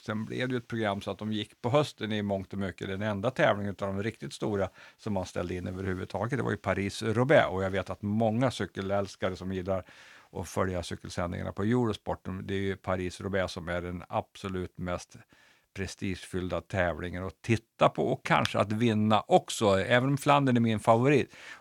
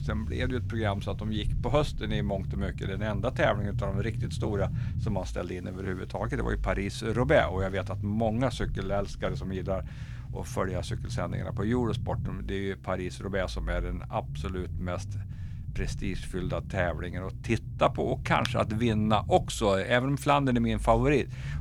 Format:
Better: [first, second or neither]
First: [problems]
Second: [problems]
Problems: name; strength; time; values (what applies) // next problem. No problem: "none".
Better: first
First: none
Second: low rumble; noticeable; throughout; 20 dB below the speech